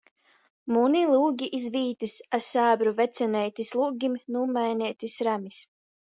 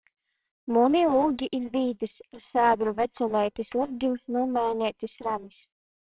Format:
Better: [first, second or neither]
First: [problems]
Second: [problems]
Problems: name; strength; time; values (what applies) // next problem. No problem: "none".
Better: first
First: none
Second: noise reduction (neural separator model SepFormer WHAMR!)